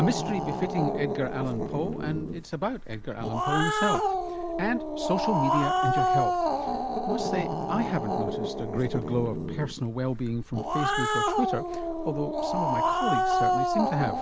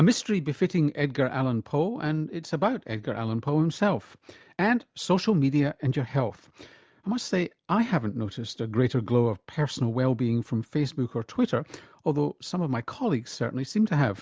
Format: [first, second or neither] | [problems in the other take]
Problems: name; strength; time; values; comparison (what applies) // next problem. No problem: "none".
second | background sound (Growling); 2 dB above the speech